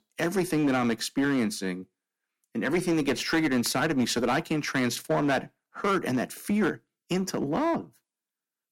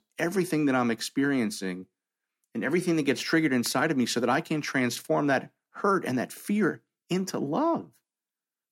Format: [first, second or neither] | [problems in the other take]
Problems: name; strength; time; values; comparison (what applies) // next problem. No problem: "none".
second | distortion; slight; 7% of the sound clipped